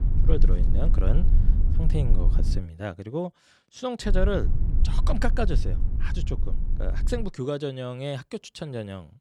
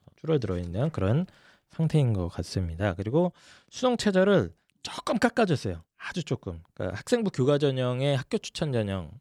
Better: second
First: low rumble; noticeable; until 2.5 s and from 4 to 7.5 s; 10 dB below the speech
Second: none

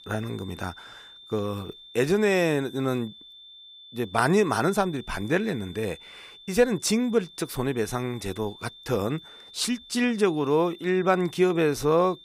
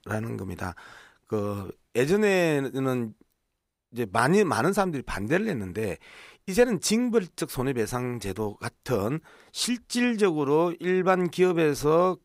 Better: second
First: high-pitched whine; noticeable; throughout; 3.5 kHz, 20 dB below the speech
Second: none

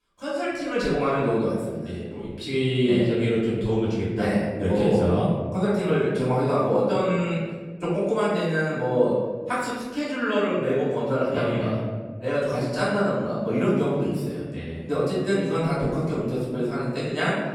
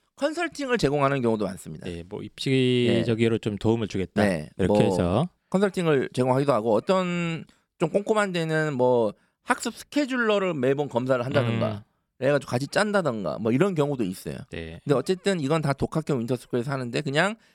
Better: second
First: room echo; noticeable; dies away in 1.5 s // off-mic speech; far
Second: none

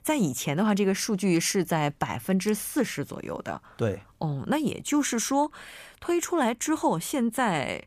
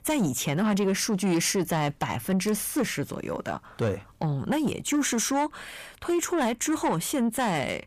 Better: first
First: none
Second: distortion; slight; 10 dB below the speech

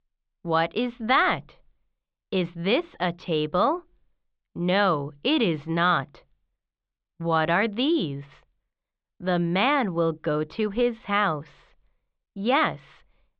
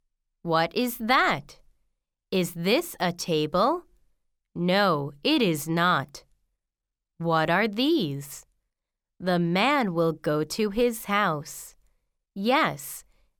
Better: second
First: muffled; slightly; fading above 3.5 kHz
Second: none

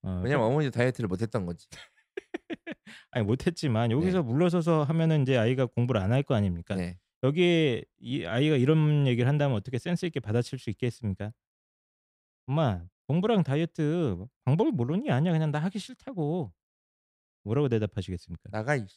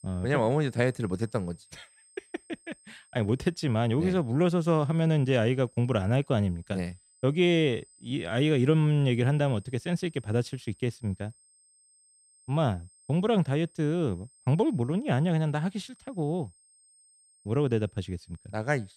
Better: first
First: none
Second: high-pitched whine; faint; throughout; 8.5 kHz, 30 dB below the speech

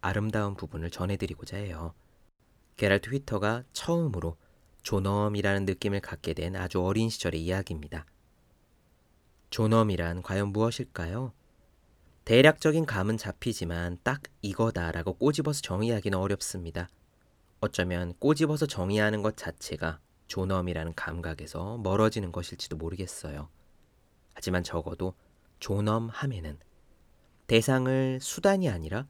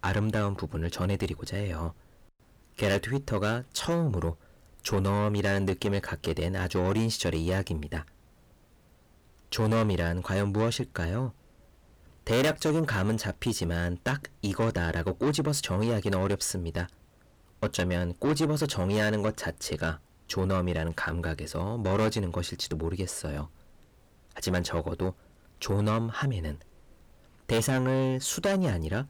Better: first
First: none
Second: distortion; heavy; 7 dB below the speech

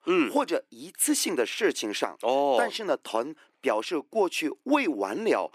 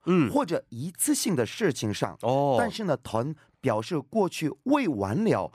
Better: second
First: thin; very slightly; fading below 300 Hz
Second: none

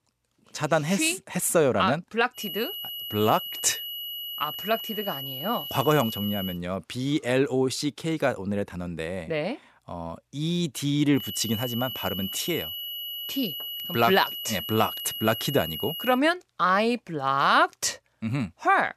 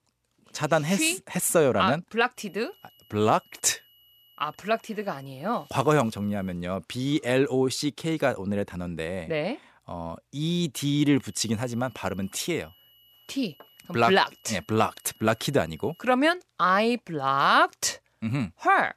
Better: second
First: high-pitched whine; loud; from 2.5 to 6.5 s and from 11 to 16 s; 3 kHz, 6 dB below the speech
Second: high-pitched whine; faint; from 2.5 to 6.5 s and from 11 to 16 s; 3 kHz, 30 dB below the speech

